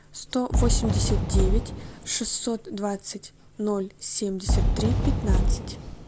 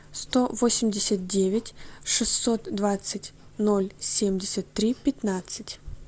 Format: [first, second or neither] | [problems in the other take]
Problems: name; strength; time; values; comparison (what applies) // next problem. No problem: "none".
second | background sound (Fireworks); 4 dB above the speech